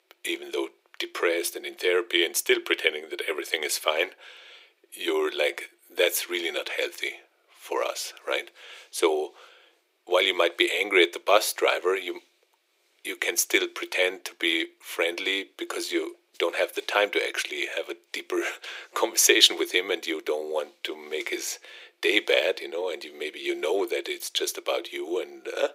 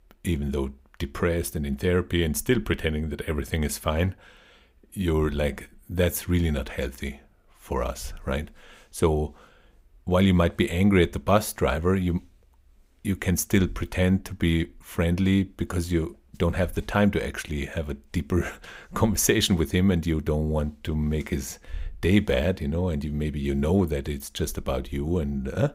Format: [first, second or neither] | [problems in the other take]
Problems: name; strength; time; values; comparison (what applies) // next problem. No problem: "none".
second | thin; very; fading below 350 Hz